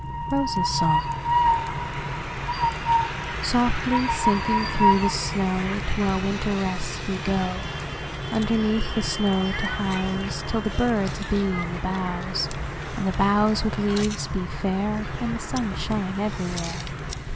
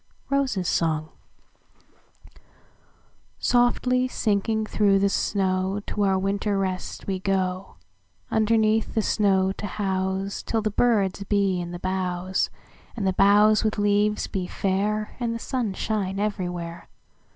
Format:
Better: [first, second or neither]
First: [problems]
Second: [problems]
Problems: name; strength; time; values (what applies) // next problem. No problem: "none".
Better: second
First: background sound (Train + Fire); 2 dB below the speech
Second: none